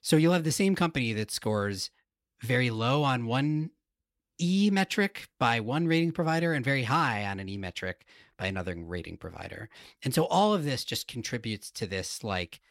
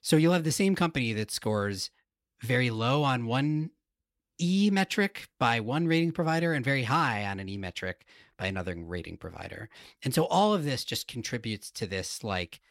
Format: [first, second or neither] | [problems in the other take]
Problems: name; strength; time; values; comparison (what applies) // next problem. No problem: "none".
neither | none